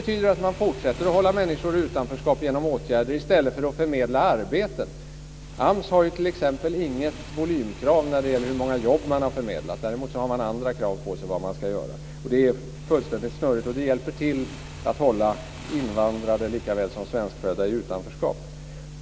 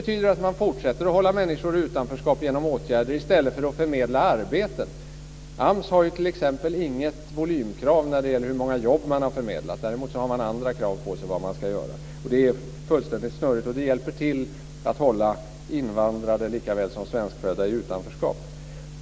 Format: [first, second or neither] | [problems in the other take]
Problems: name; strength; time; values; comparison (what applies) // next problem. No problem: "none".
second | background sound (Motorcycle / Engine); 20 dB below the speech